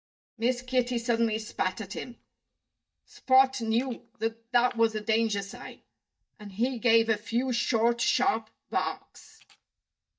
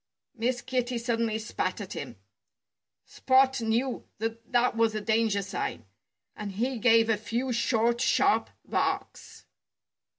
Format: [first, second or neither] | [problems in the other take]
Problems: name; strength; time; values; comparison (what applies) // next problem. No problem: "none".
second | noise reduction (neural mask model DeepFilterNet 3)